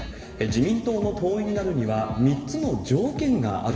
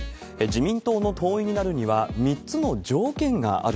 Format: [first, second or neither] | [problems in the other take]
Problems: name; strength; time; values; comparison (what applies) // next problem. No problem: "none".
second | room echo; dies away in 2.1 s